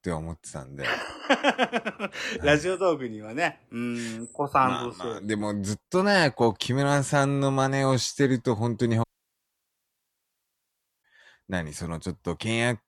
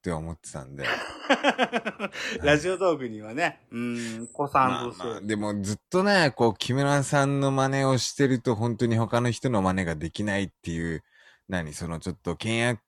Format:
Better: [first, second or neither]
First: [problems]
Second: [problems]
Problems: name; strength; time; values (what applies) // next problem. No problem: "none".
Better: second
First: audio cutting out; at 9 s for 2 s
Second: none